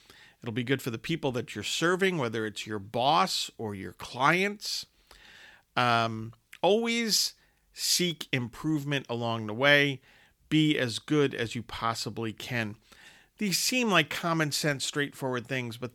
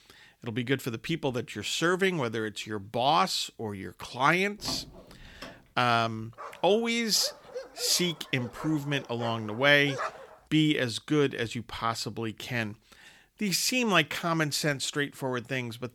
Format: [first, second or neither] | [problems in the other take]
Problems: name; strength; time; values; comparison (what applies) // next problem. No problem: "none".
first | door banging; faint; at 4.5 s; peak 15 dB below the speech // dog barking; noticeable; from 6.5 to 10 s; peak 8 dB below the speech